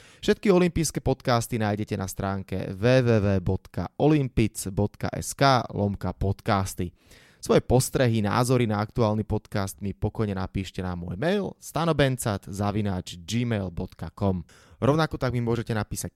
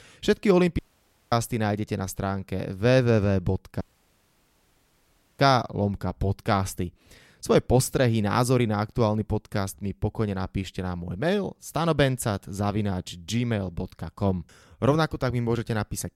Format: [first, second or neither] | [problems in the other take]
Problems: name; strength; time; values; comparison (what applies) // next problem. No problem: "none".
first | audio cutting out; at 1 s for 0.5 s and at 4 s for 1.5 s